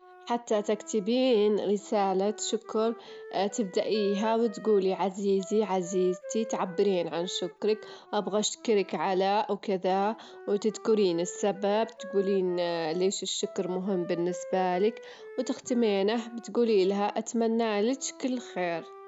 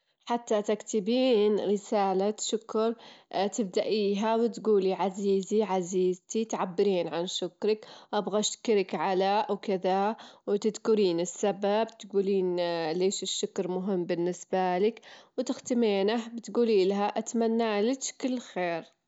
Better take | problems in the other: second | background sound (Wind instrument, woodwind instrument); 18 dB below the speech

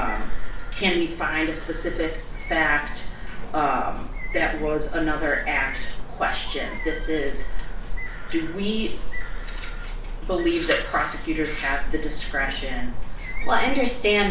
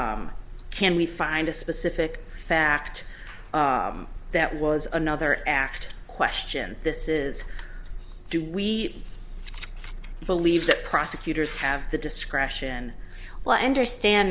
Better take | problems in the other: second | background sound (Bird); 17 dB below the speech // room echo; dies away in 0.4 s

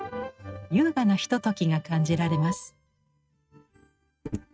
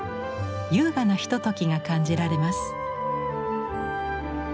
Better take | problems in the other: second | noise reduction (neural mask model RNNoise)

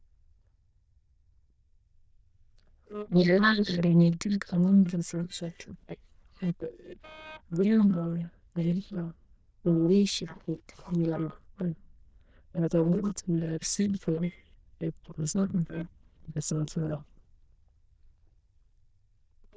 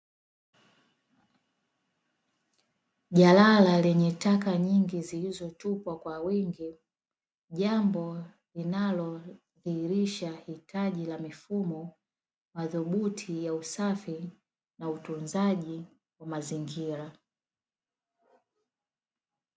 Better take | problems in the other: second | noise reduction (neural diffusion model UNIVERSE++)

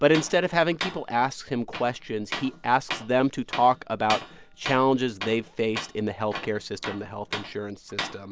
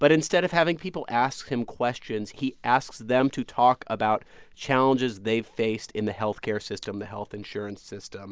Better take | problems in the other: second | background sound (Tools); 11 dB below the speech

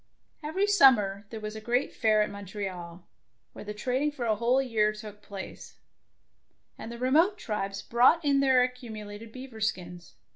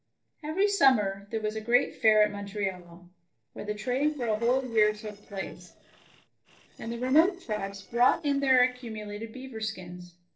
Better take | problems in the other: first | noise reduction (neural separator model SepFormer DNS4)

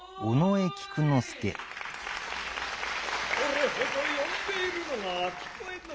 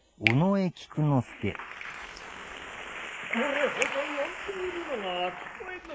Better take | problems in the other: first | noise reduction (neural mask model Resemble Enhance denoiser)

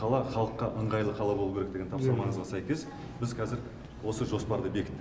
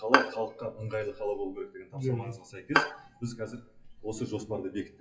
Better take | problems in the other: first | noise reduction (classical method WPE with log-MMSE)

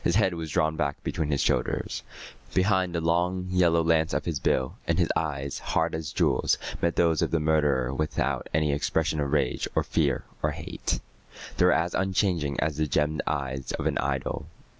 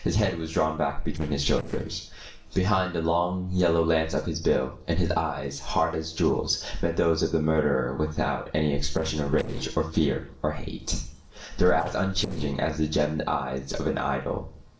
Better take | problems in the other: first | noise reduction (neural separator model SepFormer DNS4)

